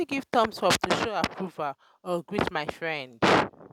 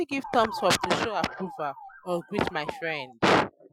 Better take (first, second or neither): first